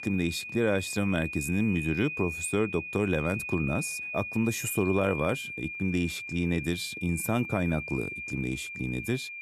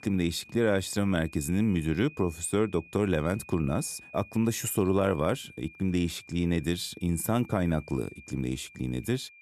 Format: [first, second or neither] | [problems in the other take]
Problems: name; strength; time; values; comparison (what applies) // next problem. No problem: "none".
second | high-pitched whine; loud; throughout; 2.5 kHz, 6 dB below the speech; faint in the second